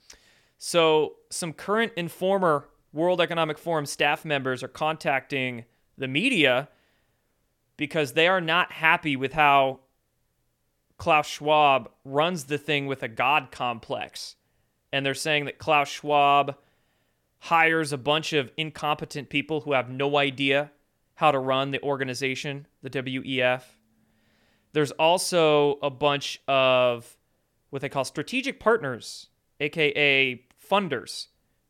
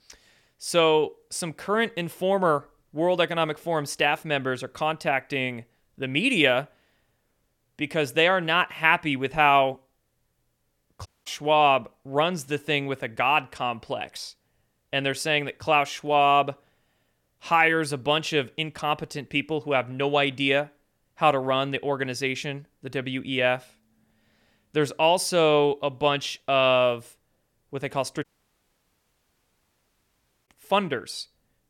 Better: first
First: none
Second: audio cutting out; at 11 s and at 28 s for 2 s

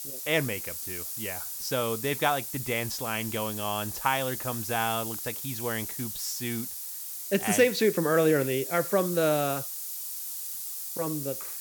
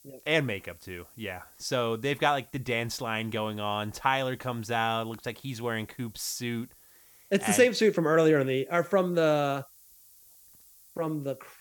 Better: second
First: hiss; loud; throughout; 5 dB below the speech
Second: hiss; faint; throughout; 25 dB below the speech

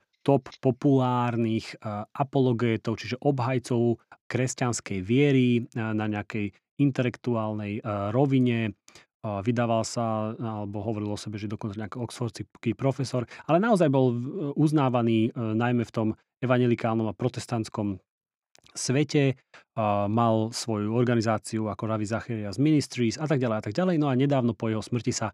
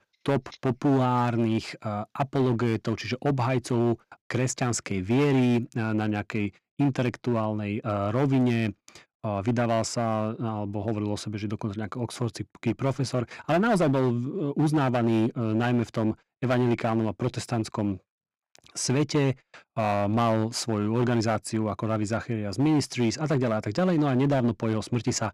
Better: first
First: none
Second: distortion; slight; 8% of the sound clipped

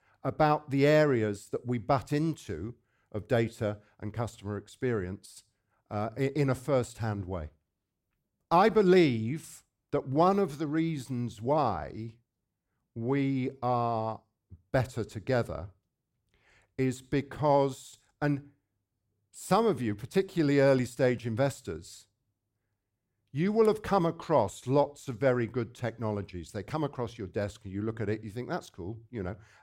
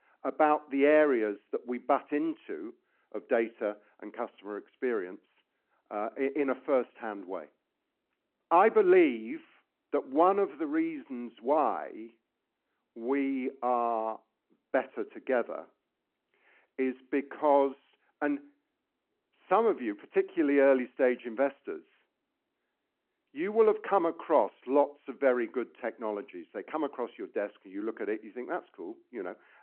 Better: first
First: none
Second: phone-call audio

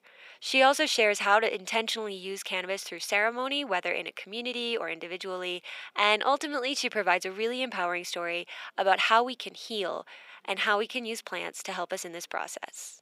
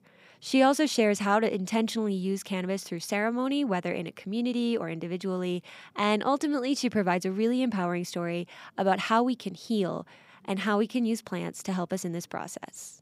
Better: second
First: thin; very; fading below 550 Hz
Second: none

